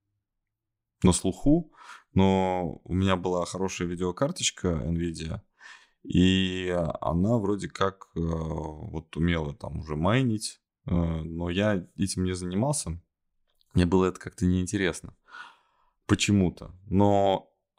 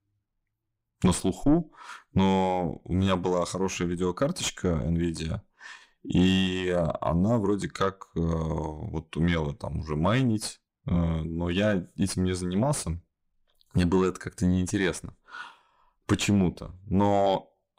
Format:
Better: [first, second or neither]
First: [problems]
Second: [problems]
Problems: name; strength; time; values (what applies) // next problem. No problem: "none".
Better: first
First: none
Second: distortion; slight; 9 dB below the speech